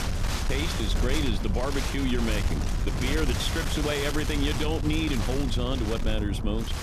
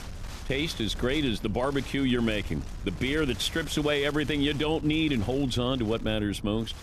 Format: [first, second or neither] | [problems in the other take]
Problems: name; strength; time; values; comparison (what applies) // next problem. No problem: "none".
second | wind noise on the microphone; heavy; 3 dB below the speech; occasional gusts in the second